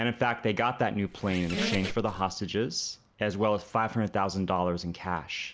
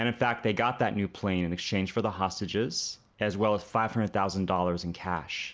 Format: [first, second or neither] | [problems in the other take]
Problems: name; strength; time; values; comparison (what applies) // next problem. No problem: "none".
second | background sound (Squeak); 6 dB below the speech